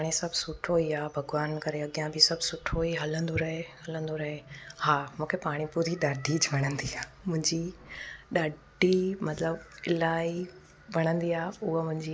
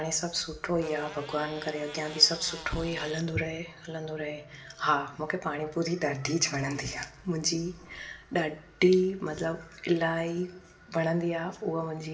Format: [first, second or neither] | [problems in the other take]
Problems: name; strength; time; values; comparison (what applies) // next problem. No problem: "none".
first | background sound (Fart); 16 dB below the speech // room echo; dies away in 0.6 s